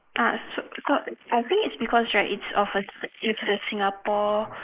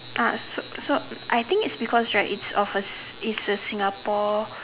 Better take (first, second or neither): second